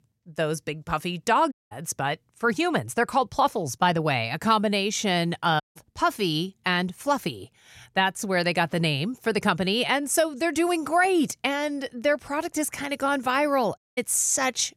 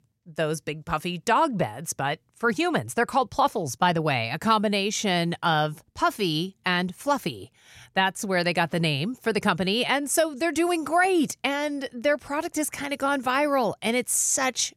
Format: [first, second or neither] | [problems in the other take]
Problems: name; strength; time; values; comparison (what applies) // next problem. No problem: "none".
second | audio cutting out; at 1.5 s, at 5.5 s and at 14 s